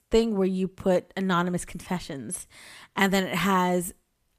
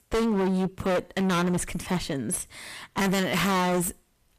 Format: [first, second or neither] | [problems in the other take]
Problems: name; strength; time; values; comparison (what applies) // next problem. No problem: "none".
first | distortion; heavy; 28% of the sound clipped